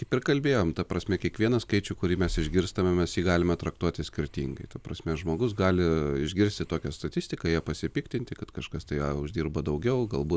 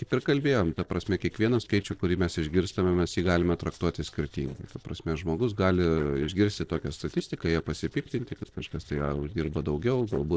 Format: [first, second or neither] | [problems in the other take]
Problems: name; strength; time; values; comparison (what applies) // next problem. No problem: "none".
first | noise reduction (neural separator model SepFormer DNS4)